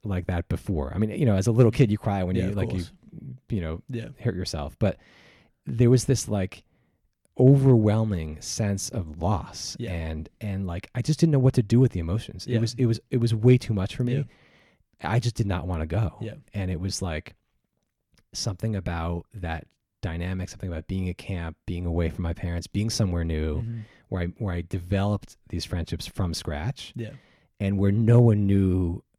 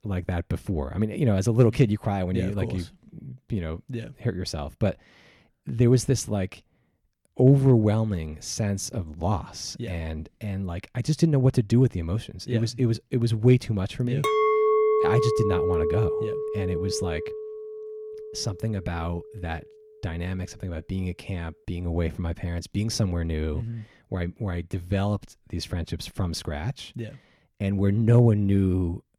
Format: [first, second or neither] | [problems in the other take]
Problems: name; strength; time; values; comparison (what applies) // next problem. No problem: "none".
first | clattering dishes; loud; from 14 to 18 s; peak 5 dB above the speech